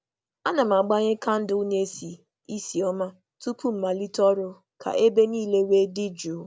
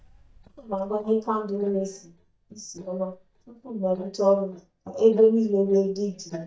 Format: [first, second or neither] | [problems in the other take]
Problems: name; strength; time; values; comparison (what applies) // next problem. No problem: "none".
first | noise reduction (neural mask model DeepFilterNet 3)